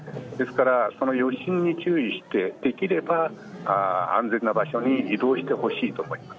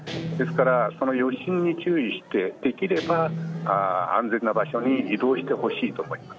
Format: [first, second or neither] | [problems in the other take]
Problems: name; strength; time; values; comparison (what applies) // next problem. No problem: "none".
first | background sound (Guitar); 11 dB below the speech